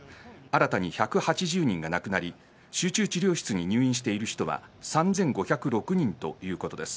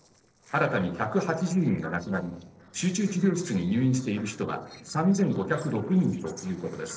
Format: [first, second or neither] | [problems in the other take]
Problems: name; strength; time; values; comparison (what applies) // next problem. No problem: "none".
first | noise reduction (neural separator model SepFormer DNS4)